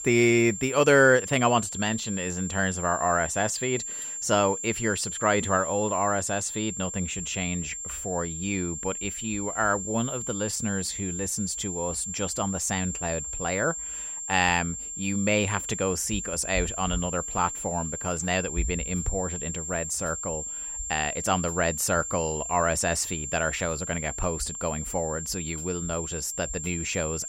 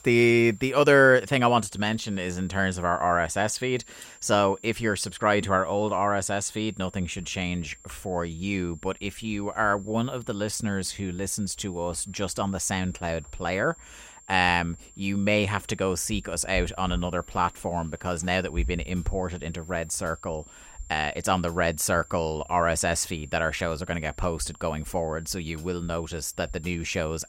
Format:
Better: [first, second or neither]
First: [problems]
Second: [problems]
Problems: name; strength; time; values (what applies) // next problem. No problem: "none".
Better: second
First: high-pitched whine; loud; throughout; 7.5 kHz, 5 dB below the speech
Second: high-pitched whine; faint; throughout; 7.5 kHz, 25 dB below the speech